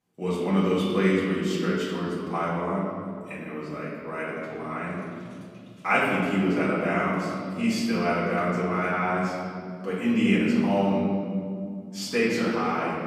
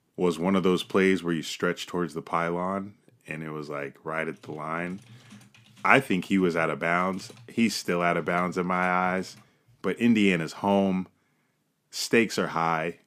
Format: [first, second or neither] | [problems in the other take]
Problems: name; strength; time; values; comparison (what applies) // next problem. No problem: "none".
second | off-mic speech; far // room echo; noticeable; dies away in 2.3 s